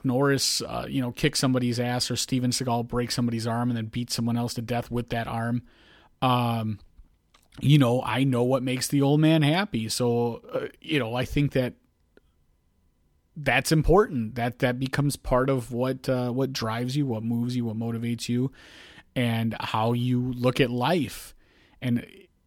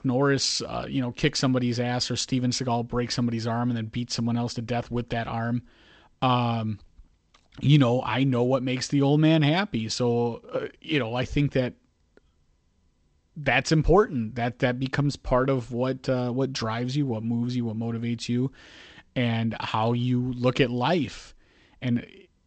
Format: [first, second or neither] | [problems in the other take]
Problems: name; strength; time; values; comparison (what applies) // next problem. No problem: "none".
first | garbled, watery; slightly; nothing above 8 kHz